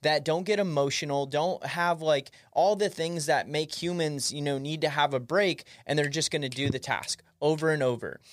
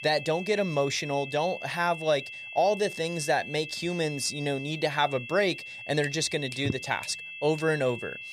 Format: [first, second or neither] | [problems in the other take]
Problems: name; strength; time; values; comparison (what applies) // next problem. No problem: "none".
first | high-pitched whine; loud; throughout; 2.5 kHz, 10 dB below the speech